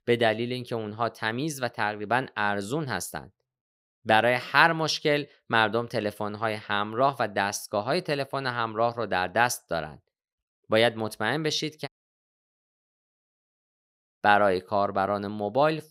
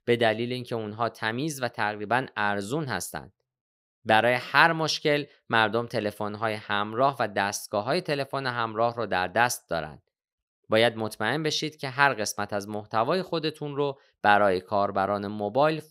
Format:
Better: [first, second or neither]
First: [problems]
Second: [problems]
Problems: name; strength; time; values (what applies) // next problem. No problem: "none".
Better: second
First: audio cutting out; at 12 s for 2.5 s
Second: none